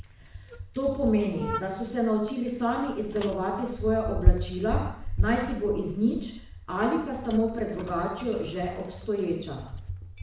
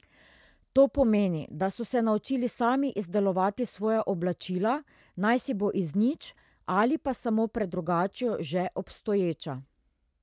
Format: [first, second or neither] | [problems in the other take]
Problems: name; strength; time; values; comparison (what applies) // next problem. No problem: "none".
second | background sound (Bicycle); 3 dB below the speech // room echo; dies away in 0.6 s